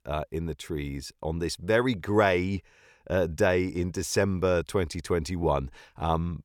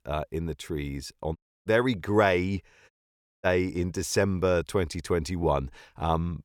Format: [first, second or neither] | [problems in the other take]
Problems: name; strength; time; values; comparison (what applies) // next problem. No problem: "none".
first | audio cutting out; at 1.5 s and at 3 s for 0.5 s